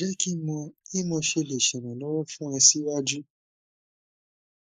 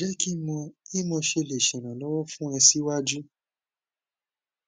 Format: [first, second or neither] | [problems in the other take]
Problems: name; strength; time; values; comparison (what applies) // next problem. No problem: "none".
second | noise reduction (neural mask model Resemble Enhance denoiser)